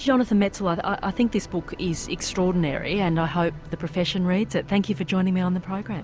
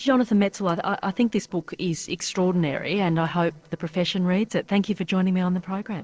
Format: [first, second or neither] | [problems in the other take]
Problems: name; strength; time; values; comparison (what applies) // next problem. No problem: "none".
first | noise reduction (neural separator model SepFormer DNS4)